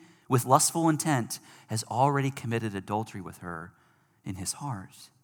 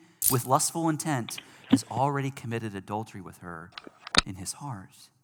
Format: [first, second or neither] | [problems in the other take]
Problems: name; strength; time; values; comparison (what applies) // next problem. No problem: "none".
first | jangling keys; loud; at the start; peak 4 dB above the speech // phone ringing; loud; at 1.5 s; peak 3 dB above the speech // phone ringing; very faint; at 4 s; peak 5 dB above the speech